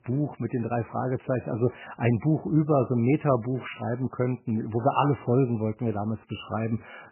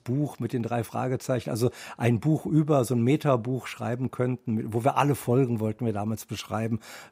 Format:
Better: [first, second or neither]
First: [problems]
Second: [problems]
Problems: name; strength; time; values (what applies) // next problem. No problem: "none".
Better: second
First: garbled, watery; badly; nothing above 3 kHz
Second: none